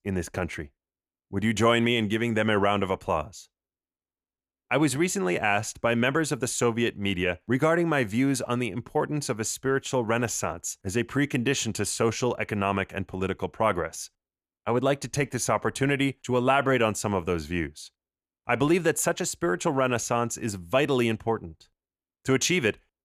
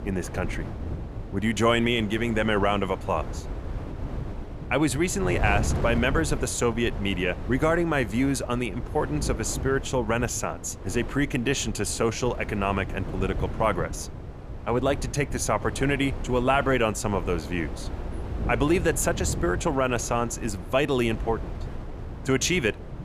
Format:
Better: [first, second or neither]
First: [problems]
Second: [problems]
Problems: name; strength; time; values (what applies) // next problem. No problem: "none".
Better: first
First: none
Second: wind noise on the microphone; occasional gusts; 15 dB below the speech